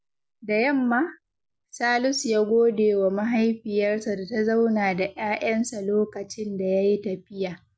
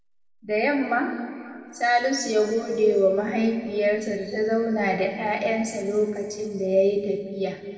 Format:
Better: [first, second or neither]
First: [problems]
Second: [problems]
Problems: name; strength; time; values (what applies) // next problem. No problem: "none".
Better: first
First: none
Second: room echo; dies away in 2.1 s